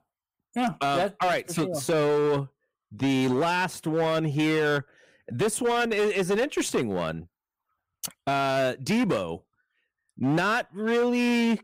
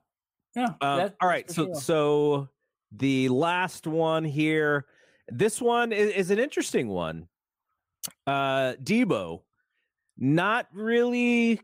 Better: second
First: distortion; slight; 15% of the sound clipped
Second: none

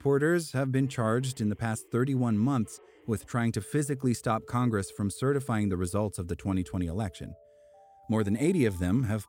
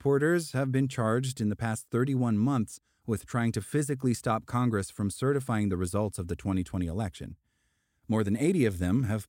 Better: second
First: alarms or sirens; faint; throughout; 25 dB below the speech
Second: none

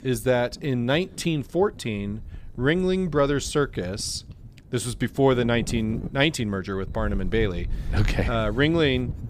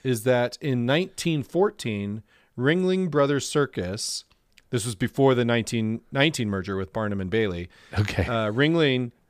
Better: second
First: wind noise on the microphone; occasional gusts; 20 dB below the speech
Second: none

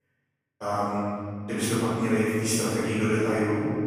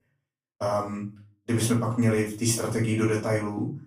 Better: second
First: room echo; strong; dies away in 2 s // off-mic speech; far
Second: room echo; slight; dies away in 0.3 s // off-mic speech; far

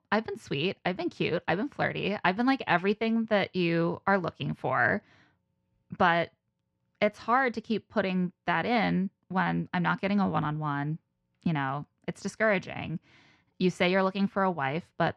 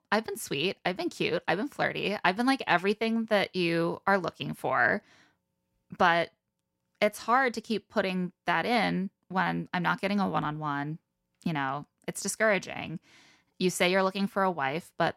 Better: second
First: muffled; very slightly; fading above 3.5 kHz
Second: none

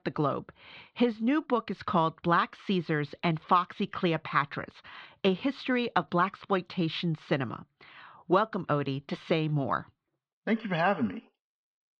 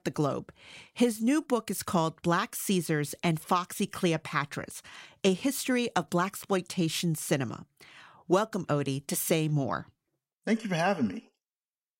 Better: second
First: muffled; slightly; fading above 4 kHz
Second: none

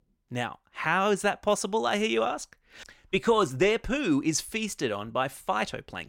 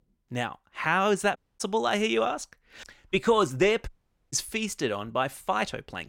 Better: first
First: none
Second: audio cutting out; at 1.5 s and at 4 s

